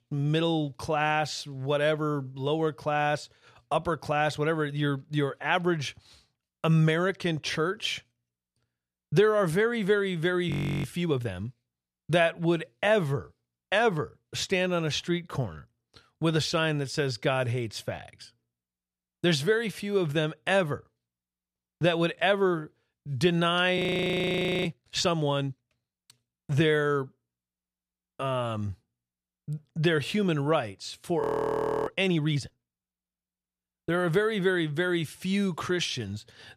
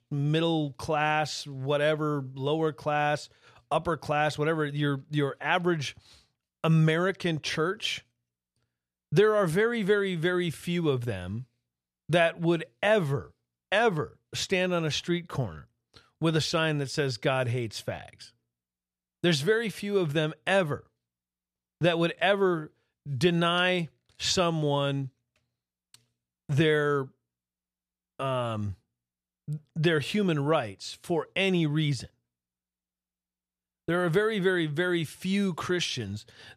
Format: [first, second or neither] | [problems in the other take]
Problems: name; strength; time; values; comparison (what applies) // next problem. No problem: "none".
second | audio freezing; at 11 s, at 24 s for 1 s and at 31 s for 0.5 s